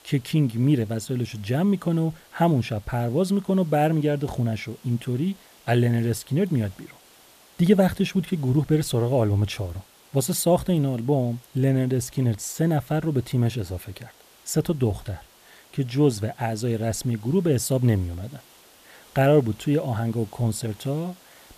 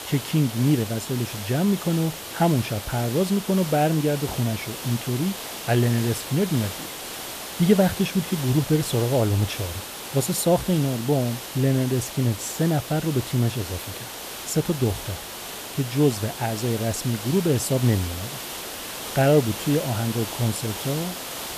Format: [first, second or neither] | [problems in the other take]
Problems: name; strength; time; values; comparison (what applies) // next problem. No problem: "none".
first | hiss; loud; throughout; 9 dB below the speech; faint in the first